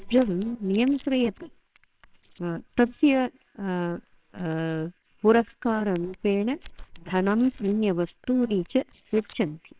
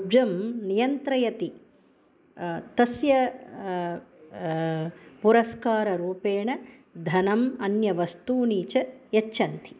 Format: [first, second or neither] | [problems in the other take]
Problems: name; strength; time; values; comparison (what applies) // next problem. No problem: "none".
second | noise reduction (neural separator model SepFormer WHAMR!)